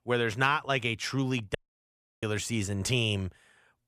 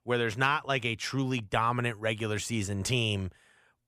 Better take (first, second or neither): second